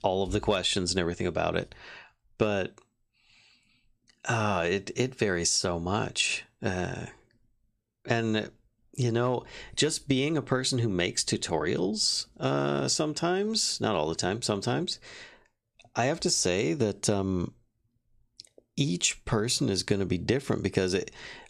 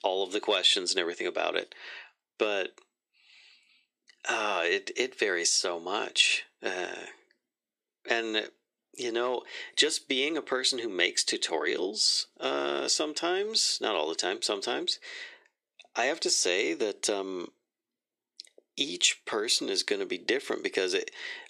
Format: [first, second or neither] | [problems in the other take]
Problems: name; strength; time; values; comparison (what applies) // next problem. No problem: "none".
first | thin; somewhat; fading below 350 Hz